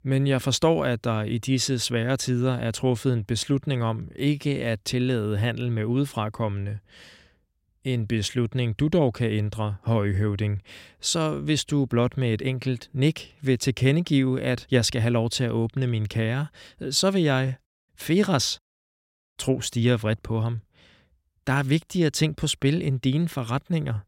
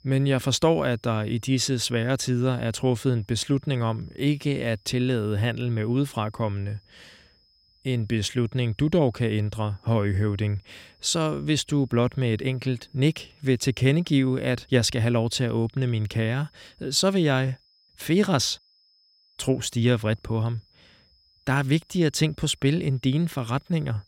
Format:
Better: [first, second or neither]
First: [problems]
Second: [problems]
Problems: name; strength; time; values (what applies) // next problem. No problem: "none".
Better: first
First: none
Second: high-pitched whine; faint; throughout; 5 kHz, 35 dB below the speech